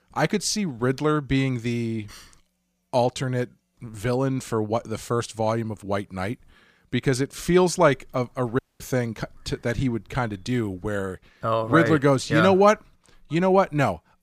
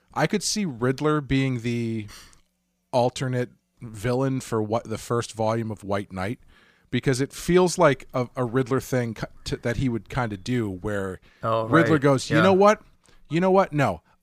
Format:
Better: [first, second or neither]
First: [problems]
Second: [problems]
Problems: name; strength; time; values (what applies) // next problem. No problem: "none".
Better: second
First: audio cutting out; at 8.5 s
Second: none